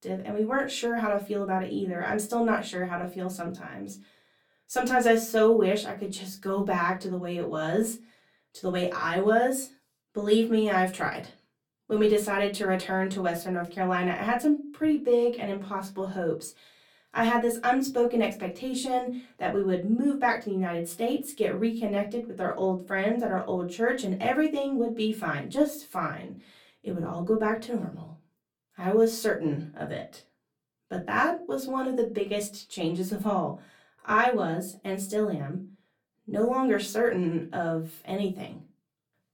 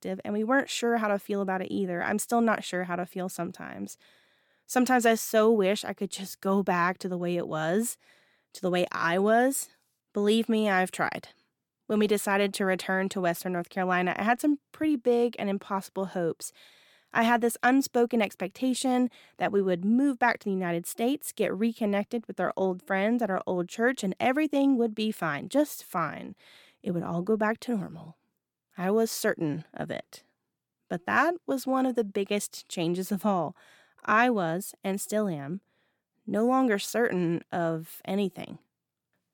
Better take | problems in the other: second | off-mic speech; far // room echo; very slight; dies away in 0.2 s

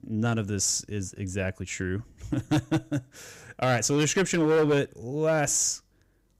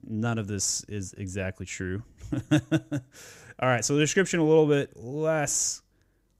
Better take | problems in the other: second | distortion; slight; 6% of the sound clipped

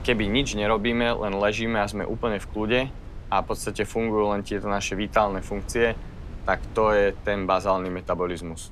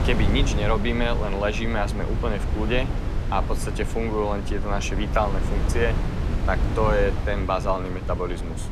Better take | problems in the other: first | wind noise on the microphone; heavy; 9 dB below the speech; occasional gusts in the first

